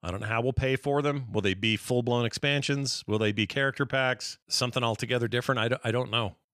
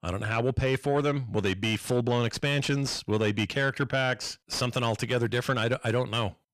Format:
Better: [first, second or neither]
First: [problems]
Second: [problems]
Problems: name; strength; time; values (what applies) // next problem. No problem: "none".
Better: first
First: none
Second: distortion; slight; 10 dB below the speech